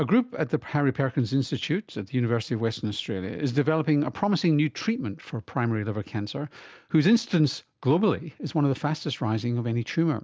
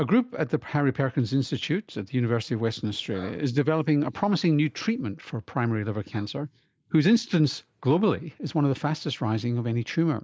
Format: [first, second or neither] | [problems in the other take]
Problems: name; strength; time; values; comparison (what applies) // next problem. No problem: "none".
first | noise reduction (neural mask model Resemble Enhance denoiser)